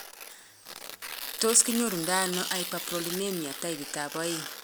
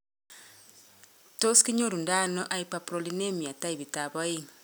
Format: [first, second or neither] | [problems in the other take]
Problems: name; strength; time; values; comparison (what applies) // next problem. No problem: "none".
second | background sound (Tearing); 7 dB below the speech